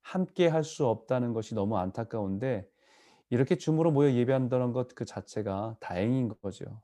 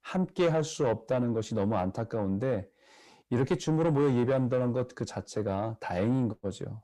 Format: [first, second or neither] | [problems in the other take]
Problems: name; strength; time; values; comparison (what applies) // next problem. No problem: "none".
first | distortion; slight; 10 dB below the speech